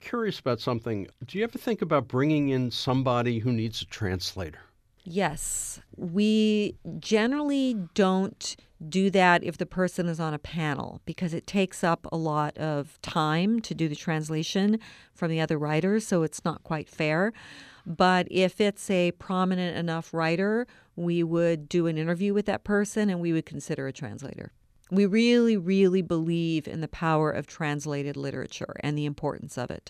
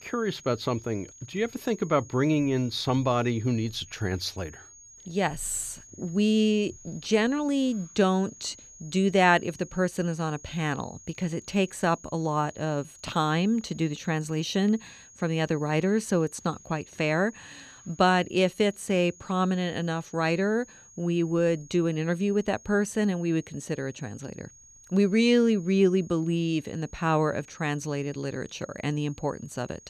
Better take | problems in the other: first | high-pitched whine; faint; throughout; 6.5 kHz, 20 dB below the speech

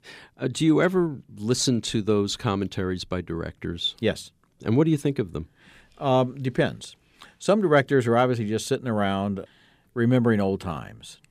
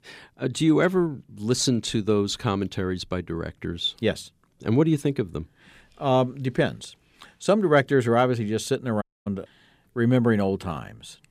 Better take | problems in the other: first | audio cutting out; at 9 s

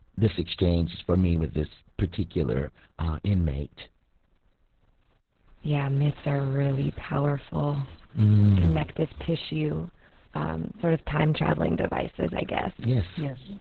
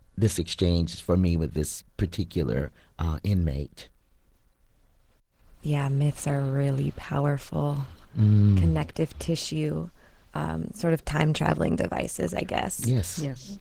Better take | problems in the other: second | garbled, watery; badly; nothing above 4 kHz; slightly in the second

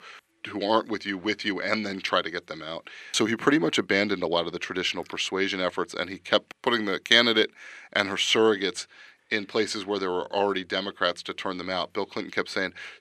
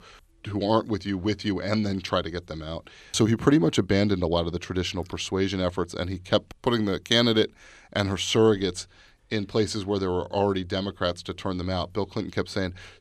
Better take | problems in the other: second | thin; somewhat; fading below 250 Hz

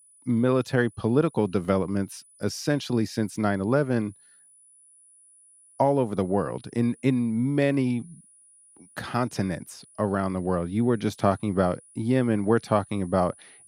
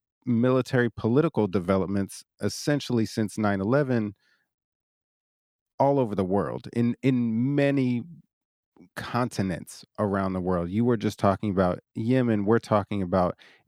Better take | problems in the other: second | high-pitched whine; faint; throughout; 10 kHz, 25 dB below the speech

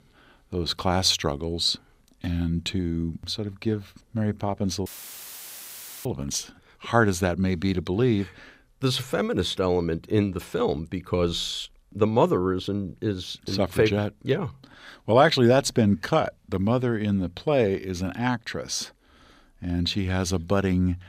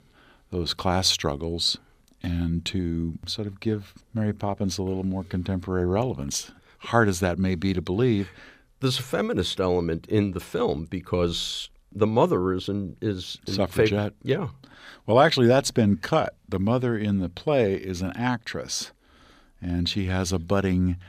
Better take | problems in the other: second | audio cutting out; filled with static; at 5 s for 1 s

